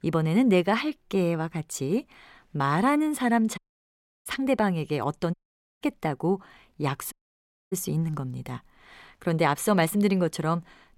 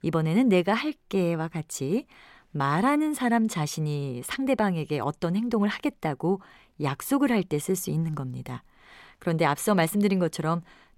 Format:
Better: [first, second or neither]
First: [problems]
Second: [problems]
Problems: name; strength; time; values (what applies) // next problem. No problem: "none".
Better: second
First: audio cutting out; at 3.5 s for 0.5 s, at 5.5 s and at 7 s for 0.5 s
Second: none